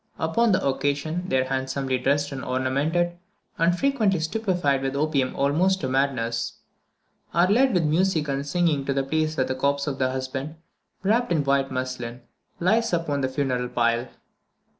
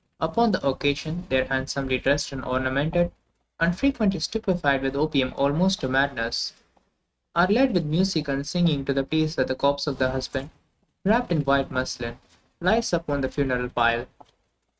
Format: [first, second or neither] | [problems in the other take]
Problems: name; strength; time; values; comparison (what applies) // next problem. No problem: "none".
first | noise reduction (neural mask model RNNoise)